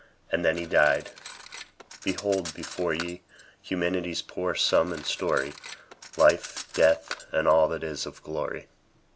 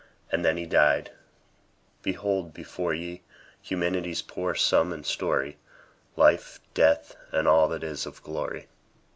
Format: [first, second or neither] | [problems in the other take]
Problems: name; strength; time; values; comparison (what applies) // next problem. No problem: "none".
second | background sound (Cutlery, silverware); 16 dB below the speech